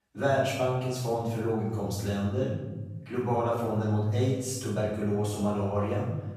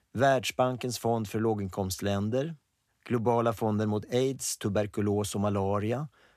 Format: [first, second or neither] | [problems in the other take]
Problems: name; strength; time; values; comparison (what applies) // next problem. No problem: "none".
second | room echo; strong; dies away in 1.5 s // off-mic speech; far